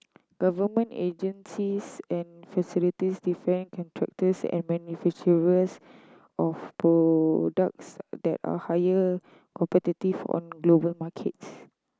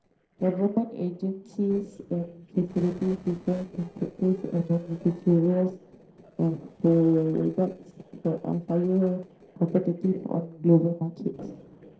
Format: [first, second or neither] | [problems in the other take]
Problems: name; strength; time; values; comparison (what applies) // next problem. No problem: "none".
first | noise reduction (neural separator model SepFormer DNS4)